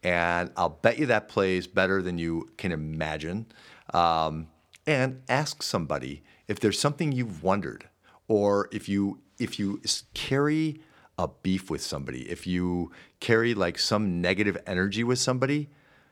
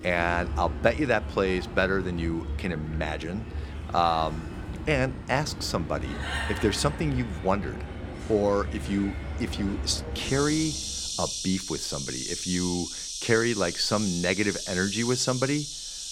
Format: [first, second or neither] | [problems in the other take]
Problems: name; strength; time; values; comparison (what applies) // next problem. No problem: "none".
first | animal sounds; loud; throughout; 6 dB below the speech